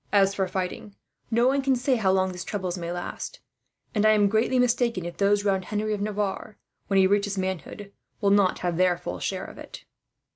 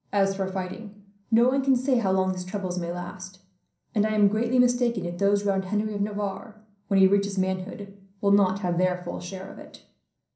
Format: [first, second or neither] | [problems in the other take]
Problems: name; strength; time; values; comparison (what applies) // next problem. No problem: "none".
first | room echo; dies away in 0.6 s